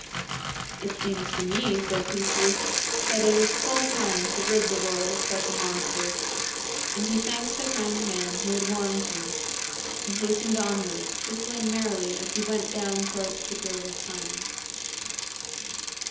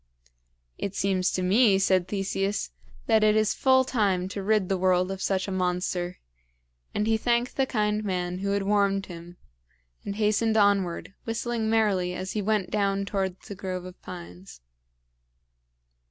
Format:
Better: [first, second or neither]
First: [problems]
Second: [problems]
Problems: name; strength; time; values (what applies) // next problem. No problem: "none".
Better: second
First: background sound (Bicycle); 1 dB above the speech // room echo; dies away in 1.2 s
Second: none